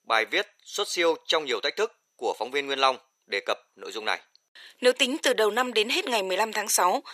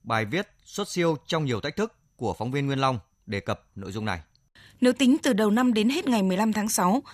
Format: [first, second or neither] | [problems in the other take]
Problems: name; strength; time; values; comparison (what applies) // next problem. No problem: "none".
second | thin; very; fading below 400 Hz